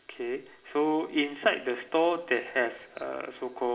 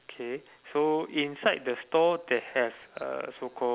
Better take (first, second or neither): second